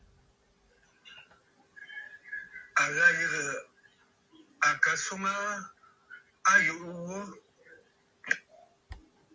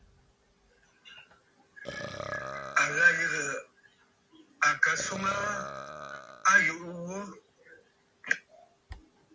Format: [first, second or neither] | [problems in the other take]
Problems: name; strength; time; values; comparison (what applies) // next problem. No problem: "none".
first | background sound (Burping, eructation); 11 dB below the speech